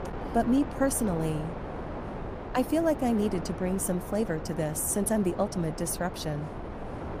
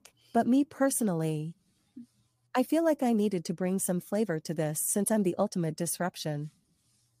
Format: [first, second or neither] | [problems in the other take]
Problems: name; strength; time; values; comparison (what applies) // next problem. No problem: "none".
second | wind noise on the microphone; heavy; 8 dB below the speech